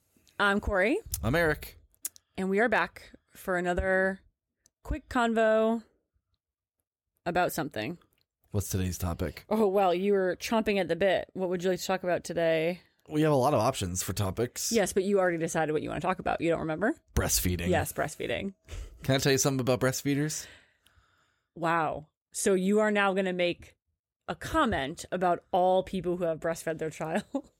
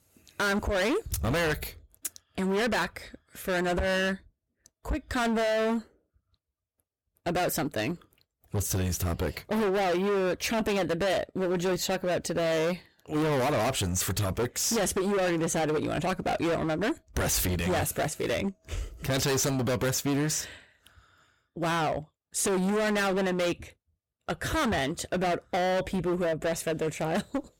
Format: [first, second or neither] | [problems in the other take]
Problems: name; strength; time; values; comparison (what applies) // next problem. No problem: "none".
first | distortion; heavy; 24% of the sound clipped